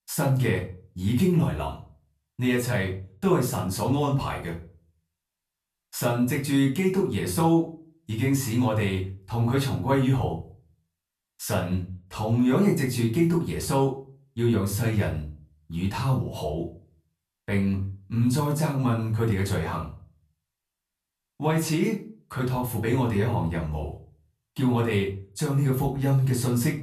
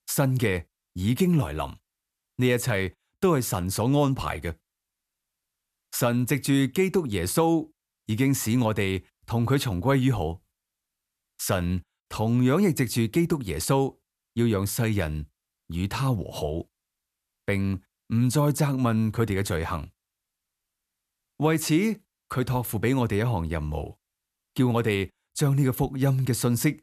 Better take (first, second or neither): second